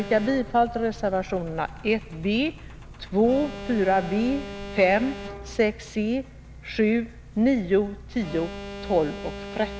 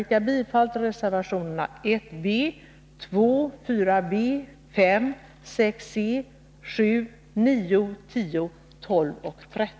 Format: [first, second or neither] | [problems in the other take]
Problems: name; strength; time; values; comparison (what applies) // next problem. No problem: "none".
second | background sound (Alarm + Engine); 13 dB below the speech